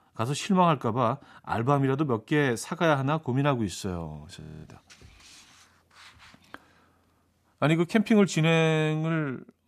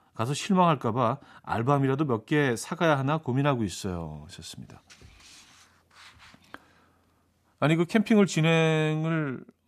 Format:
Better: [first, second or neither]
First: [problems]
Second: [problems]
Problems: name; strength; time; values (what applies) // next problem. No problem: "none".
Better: second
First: audio freezing; at 4.5 s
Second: none